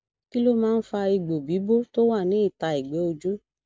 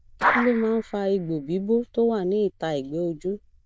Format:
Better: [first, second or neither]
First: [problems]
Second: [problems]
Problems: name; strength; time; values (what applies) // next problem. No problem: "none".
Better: first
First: none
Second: noise reduction (neural diffusion model UNIVERSE++)